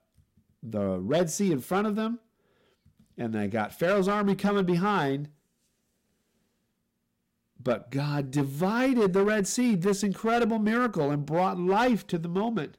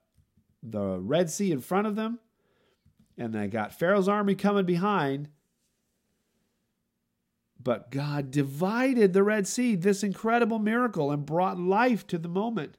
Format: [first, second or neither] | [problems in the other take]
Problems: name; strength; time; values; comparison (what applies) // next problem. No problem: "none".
second | distortion; slight; 5% of the sound clipped